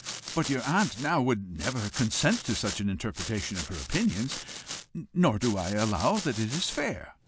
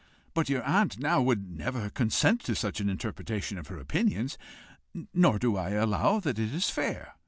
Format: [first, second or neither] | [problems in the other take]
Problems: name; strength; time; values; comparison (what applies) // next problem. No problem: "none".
second | background sound (Domestic sounds, home sounds); 11 dB below the speech